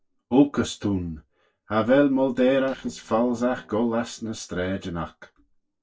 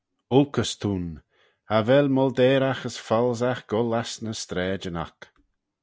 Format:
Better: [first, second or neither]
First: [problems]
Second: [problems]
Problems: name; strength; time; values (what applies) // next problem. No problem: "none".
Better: second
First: noise reduction (neural separator model SepFormer DNS4)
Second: none